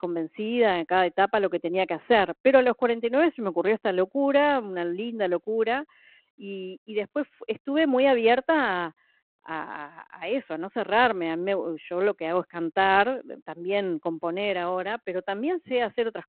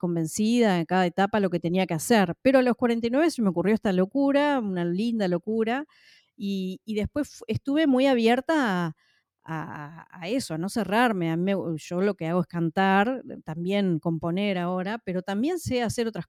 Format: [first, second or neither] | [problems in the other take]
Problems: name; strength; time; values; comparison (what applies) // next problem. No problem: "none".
second | phone-call audio